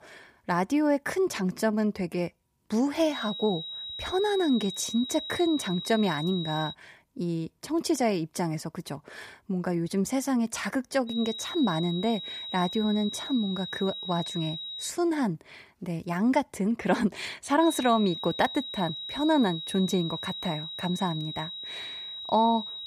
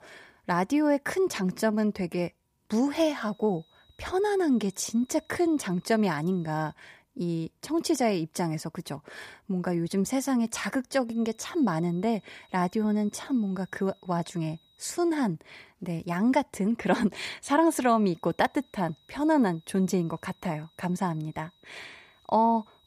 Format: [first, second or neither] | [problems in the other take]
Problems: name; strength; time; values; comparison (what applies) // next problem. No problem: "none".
second | high-pitched whine; loud; from 3 to 6.5 s, from 11 to 15 s and from 18 s on; 4 kHz, 7 dB below the speech; faint in the second